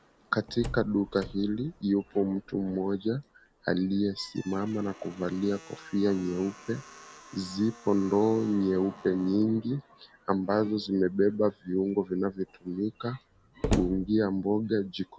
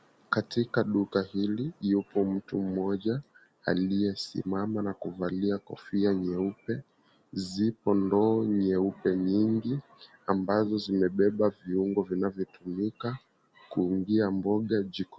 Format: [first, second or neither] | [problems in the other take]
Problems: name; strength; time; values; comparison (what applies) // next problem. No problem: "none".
second | background sound (Slam); 14 dB below the speech